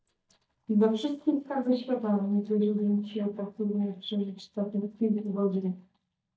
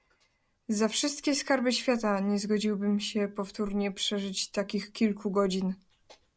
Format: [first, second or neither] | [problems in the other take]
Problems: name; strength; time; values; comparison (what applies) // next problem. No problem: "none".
second | noise reduction (neural mask model DeepFilterNet 3)